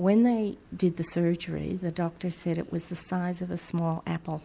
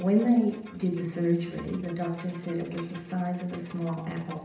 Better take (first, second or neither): first